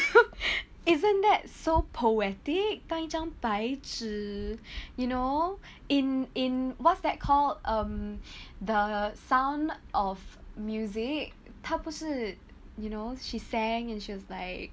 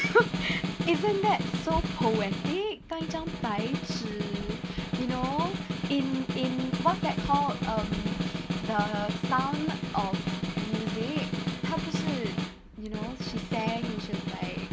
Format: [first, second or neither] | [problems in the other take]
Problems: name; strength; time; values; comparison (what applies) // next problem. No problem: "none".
first | background sound (Snare drum); 1 dB below the speech